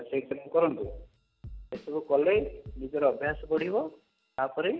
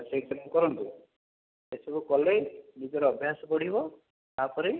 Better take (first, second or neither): second